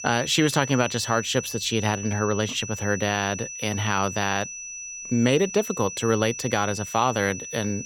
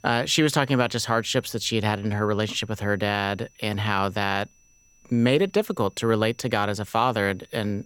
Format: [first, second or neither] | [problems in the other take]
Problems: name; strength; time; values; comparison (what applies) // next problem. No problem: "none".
second | high-pitched whine; loud; throughout; 6 kHz, 9 dB below the speech; faint in the second